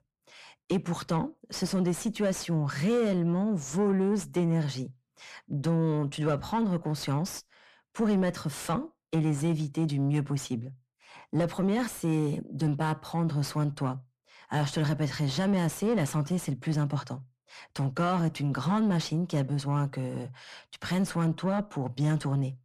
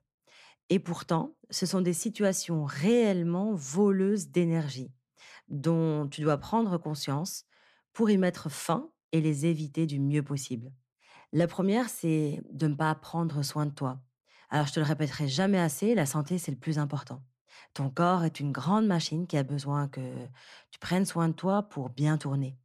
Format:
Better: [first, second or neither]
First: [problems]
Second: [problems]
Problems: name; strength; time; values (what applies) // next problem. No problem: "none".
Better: second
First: distortion; slight; 9 dB below the speech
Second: none